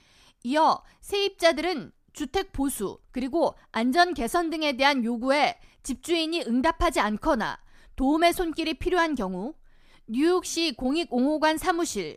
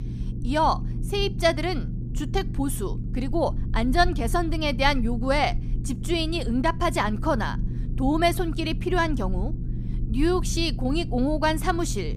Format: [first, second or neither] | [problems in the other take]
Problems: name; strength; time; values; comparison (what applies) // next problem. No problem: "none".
first | low rumble; noticeable; throughout; 20 dB below the speech